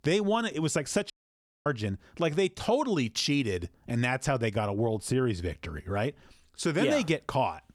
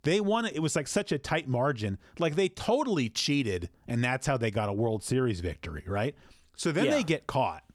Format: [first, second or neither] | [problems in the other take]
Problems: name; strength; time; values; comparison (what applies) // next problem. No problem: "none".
second | audio cutting out; at 1 s for 0.5 s